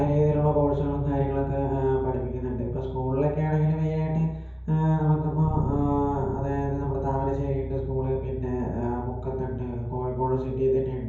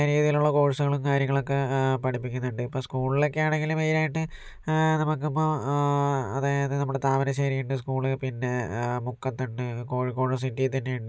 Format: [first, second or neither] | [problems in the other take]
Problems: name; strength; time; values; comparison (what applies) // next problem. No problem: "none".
second | background sound (Bass guitar); 8 dB below the speech // room echo; dies away in 0.9 s